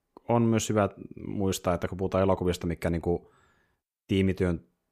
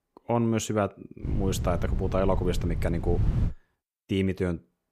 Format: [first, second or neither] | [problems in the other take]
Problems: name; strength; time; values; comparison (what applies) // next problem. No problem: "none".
first | wind noise on the microphone; faint; from 1 to 3.5 s; 15 dB below the speech